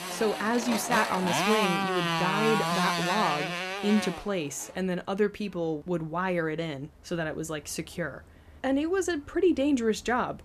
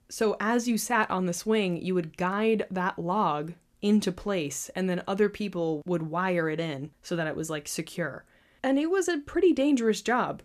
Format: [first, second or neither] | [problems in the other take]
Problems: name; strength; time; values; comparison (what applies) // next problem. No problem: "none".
second | traffic noise; very loud; throughout; as loud as the speech